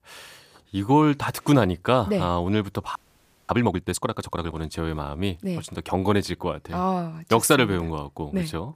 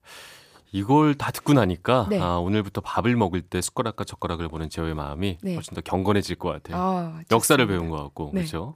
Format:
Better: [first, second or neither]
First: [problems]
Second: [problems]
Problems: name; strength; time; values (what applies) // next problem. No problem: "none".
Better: second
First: audio freezing; at 3 s for 0.5 s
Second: none